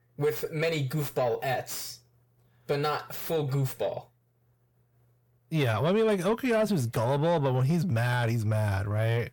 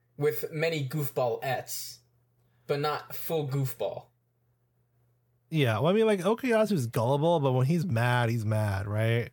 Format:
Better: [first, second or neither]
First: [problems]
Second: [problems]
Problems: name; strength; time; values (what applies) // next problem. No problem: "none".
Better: second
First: distortion; slight; 10 dB below the speech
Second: none